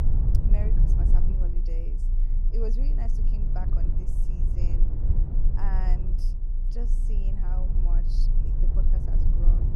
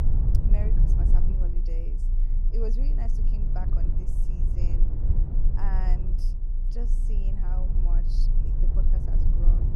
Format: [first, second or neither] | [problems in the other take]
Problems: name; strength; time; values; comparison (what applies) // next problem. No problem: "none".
neither | low rumble; loud; throughout; as loud as the speech; the same in both